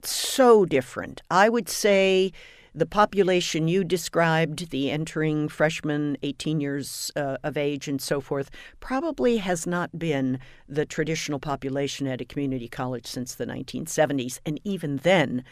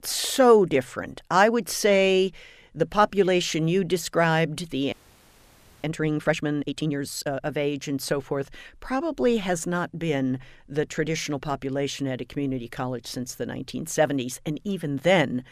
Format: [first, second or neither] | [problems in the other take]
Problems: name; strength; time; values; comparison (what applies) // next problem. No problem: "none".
first | audio freezing; at 5 s for 1 s